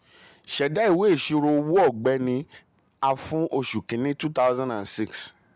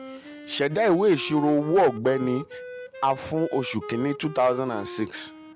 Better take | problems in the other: first | background sound (Wind instrument, woodwind instrument); 14 dB below the speech

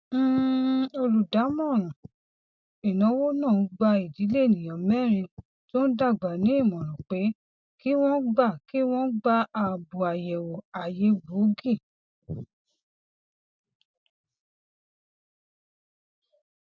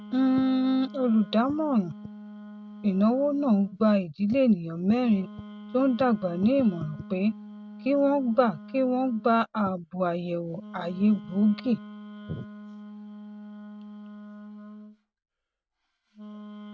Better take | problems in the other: first | background sound (Wind instrument, woodwind instrument); 17 dB below the speech

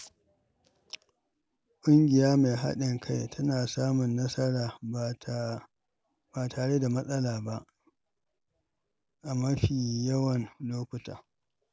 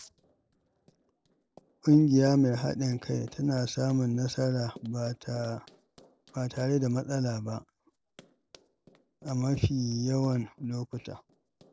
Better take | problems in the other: first | noise reduction (neural separator model SepFormer DNS4)

